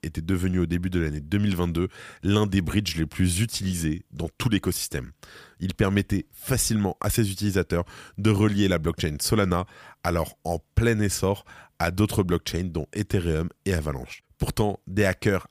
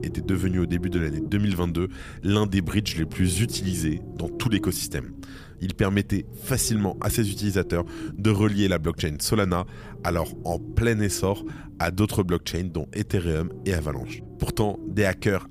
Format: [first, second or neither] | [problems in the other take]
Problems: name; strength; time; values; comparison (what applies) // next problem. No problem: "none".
first | low rumble; noticeable; throughout; 15 dB below the speech